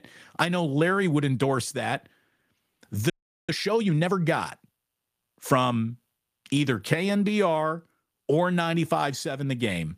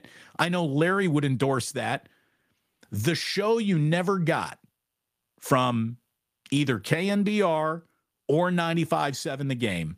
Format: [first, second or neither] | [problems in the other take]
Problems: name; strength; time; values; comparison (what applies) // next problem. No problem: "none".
second | audio freezing; at 3 s